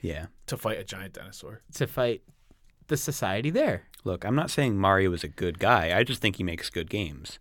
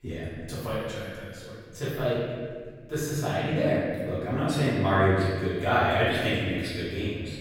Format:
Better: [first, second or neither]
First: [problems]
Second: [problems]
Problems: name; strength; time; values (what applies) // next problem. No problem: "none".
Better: first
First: none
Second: room echo; strong; dies away in 1.8 s // off-mic speech; far